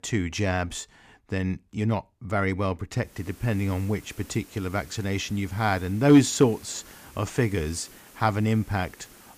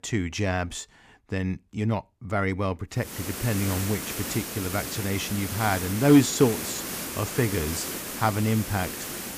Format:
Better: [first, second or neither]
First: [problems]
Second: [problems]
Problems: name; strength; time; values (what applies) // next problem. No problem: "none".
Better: first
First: hiss; faint; from 3 s on; 25 dB below the speech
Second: hiss; loud; from 3 s on; 5 dB below the speech